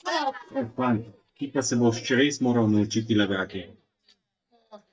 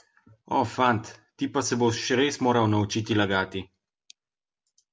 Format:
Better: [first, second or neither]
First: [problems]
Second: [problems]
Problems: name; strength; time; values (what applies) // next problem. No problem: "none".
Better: second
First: noise reduction (neural mask model DeepFilterNet 3)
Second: none